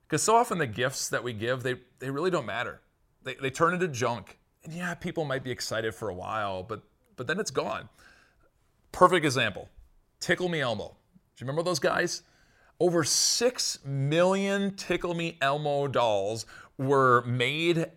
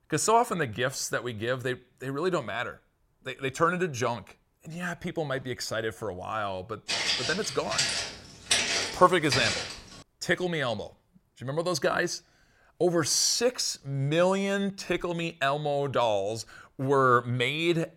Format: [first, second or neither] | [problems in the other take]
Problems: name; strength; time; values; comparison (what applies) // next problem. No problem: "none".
first | footsteps; loud; from 7 to 9.5 s; peak 4 dB above the speech